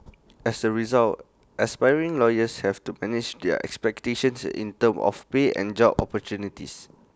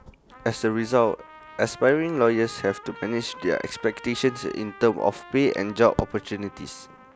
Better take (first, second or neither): first